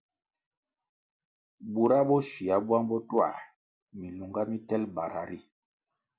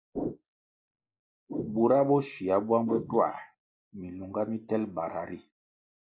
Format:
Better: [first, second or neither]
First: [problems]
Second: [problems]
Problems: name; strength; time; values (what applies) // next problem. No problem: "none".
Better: first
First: none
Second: noise reduction (neural mask model Resemble Enhance denoiser)